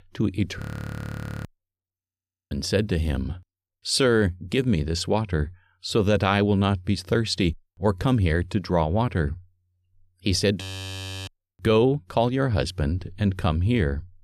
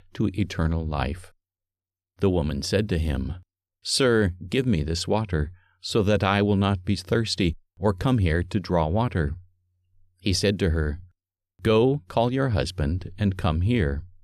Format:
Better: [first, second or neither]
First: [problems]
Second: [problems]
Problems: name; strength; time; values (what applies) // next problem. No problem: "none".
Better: second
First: audio freezing; at 0.5 s for 1 s, at 2 s for 0.5 s and at 11 s for 0.5 s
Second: none